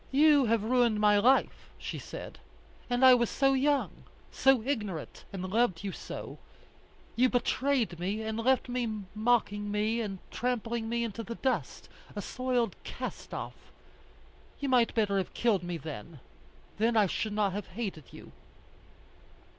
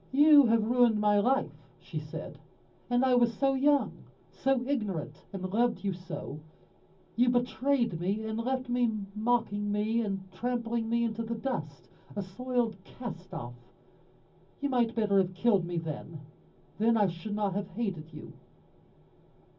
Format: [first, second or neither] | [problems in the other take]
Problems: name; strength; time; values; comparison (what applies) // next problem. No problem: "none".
first | room echo; dies away in 0.4 s